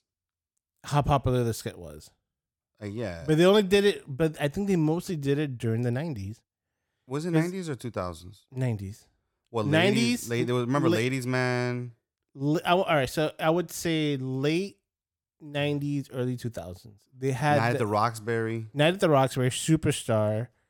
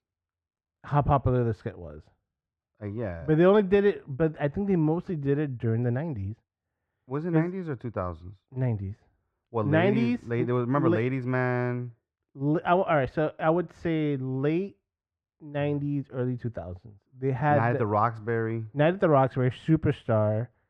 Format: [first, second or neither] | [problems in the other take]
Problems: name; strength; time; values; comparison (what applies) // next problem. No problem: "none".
first | muffled; very; fading above 1.5 kHz